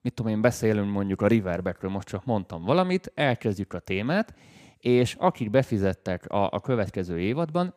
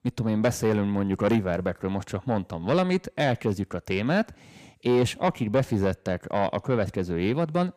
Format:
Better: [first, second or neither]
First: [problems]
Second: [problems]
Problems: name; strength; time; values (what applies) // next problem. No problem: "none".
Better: first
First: none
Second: distortion; slight; 10 dB below the speech